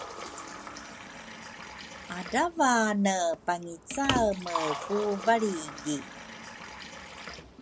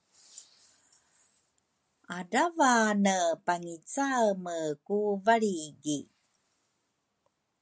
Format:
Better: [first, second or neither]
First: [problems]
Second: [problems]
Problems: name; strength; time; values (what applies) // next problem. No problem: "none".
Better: second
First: background sound (Liquid); 8 dB below the speech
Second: none